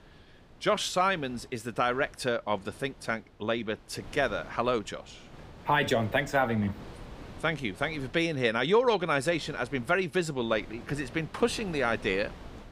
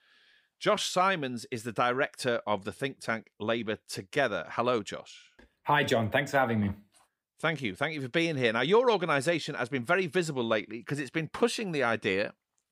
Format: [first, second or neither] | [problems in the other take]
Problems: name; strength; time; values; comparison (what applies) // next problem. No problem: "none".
second | wind noise on the microphone; occasional gusts; 25 dB below the speech